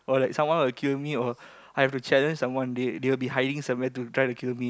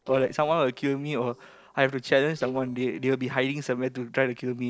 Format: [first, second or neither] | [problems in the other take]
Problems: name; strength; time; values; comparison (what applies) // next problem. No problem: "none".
first | noise reduction (neural separator model SepFormer DNS4)